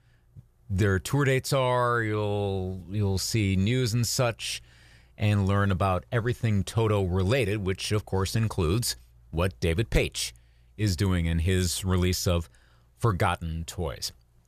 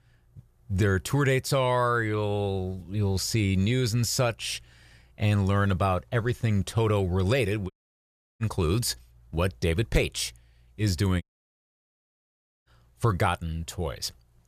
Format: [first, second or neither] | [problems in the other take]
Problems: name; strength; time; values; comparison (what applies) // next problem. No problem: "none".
first | audio cutting out; at 7.5 s for 0.5 s and at 11 s for 1.5 s